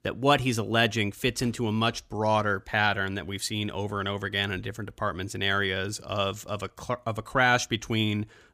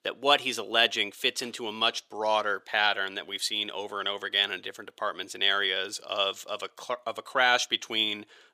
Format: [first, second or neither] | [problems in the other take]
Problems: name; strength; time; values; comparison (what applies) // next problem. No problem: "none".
first | thin; somewhat; fading below 500 Hz